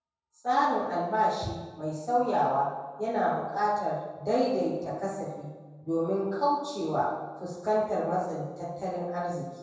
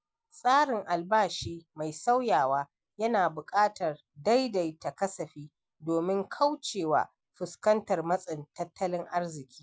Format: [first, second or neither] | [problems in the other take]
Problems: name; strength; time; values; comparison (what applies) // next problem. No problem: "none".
second | room echo; dies away in 1.2 s